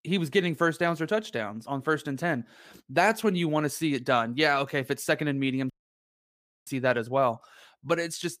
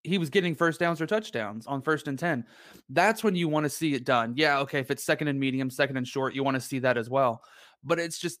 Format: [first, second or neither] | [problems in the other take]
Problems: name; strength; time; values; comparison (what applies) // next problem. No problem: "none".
second | audio cutting out; at 5.5 s for 1 s